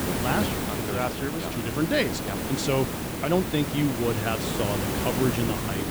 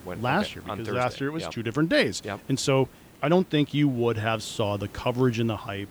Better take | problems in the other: second | hiss; loud; throughout; 1 dB below the speech; faint in the second

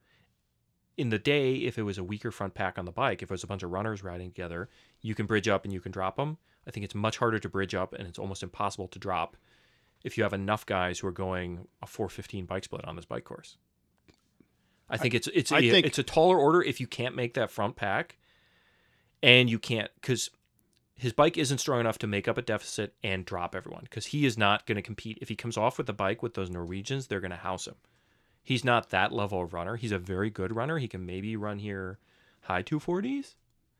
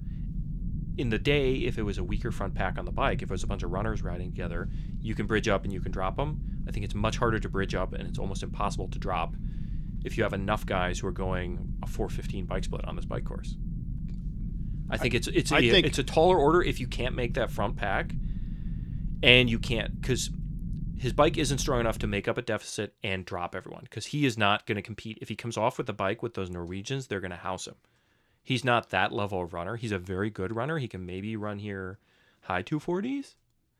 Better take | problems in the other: first | low rumble; noticeable; until 22 s; 20 dB below the speech

